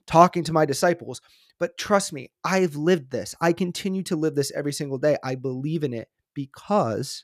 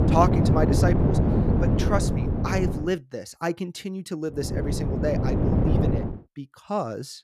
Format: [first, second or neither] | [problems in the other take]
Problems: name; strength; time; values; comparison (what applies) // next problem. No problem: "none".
first | wind noise on the microphone; heavy; until 3 s and from 4.5 to 6 s; 1 dB below the speech